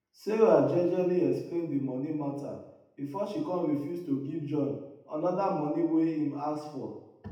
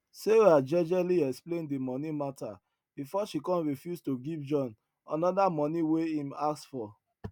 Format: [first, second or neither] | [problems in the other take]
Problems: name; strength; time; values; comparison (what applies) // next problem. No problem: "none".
second | room echo; dies away in 0.8 s